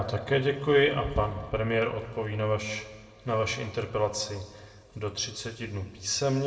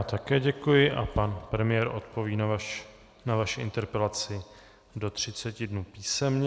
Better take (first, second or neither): second